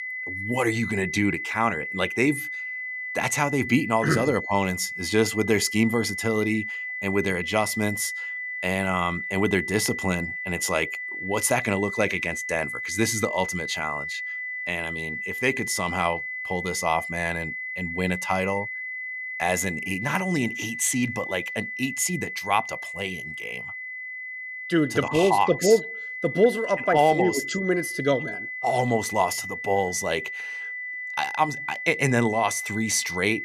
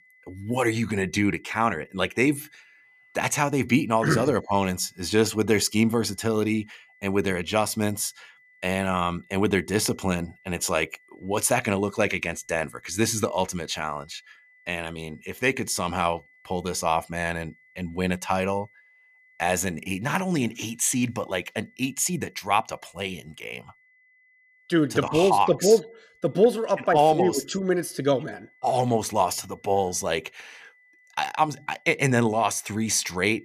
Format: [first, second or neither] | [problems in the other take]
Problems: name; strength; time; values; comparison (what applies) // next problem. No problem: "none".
second | high-pitched whine; loud; throughout; 2 kHz, 6 dB below the speech; faint in the second